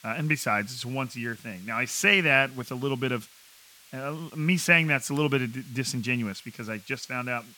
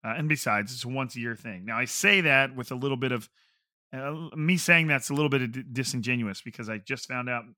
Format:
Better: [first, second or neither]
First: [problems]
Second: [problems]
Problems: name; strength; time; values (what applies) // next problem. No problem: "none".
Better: second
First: hiss; faint; throughout; 25 dB below the speech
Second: none